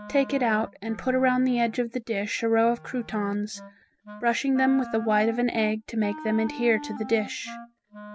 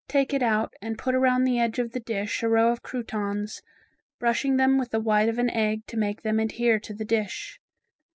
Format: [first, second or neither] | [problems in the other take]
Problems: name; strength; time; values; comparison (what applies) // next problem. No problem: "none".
second | background sound (Wind instrument, woodwind instrument); 15 dB below the speech